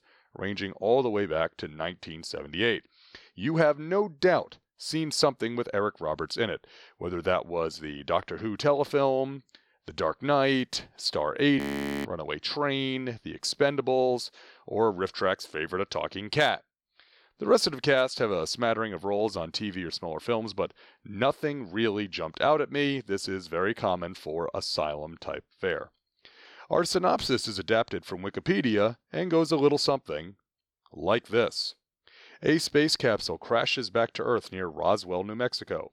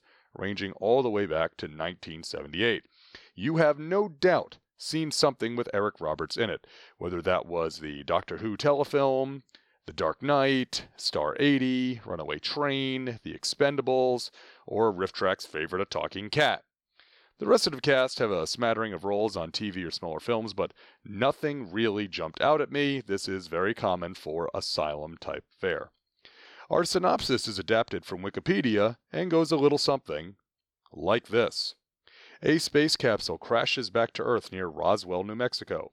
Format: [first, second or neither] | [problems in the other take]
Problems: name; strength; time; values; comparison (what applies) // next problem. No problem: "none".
second | audio freezing; at 12 s